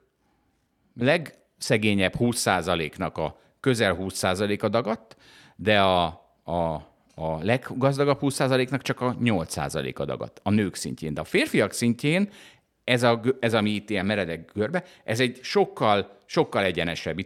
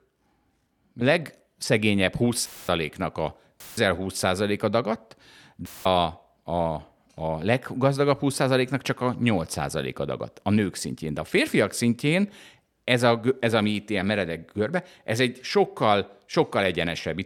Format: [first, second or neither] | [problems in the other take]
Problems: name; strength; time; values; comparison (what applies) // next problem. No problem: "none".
first | audio cutting out; filled with static; at 2.5 s, at 3.5 s and at 5.5 s